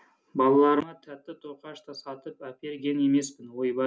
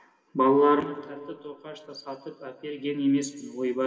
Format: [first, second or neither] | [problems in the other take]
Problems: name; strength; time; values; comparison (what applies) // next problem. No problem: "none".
first | room echo; dies away in 1.9 s